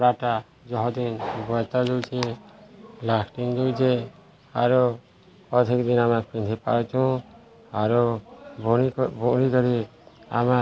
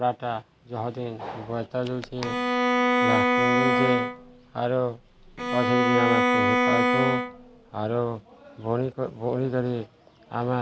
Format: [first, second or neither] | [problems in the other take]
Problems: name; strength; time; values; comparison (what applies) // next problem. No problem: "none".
first | background sound (Bowed string instrument); 5 dB above the speech